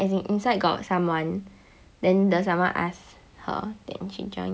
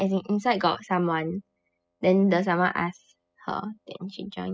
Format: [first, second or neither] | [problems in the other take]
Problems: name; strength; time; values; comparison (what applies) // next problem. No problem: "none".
first | noise reduction (classical method spectral subtraction)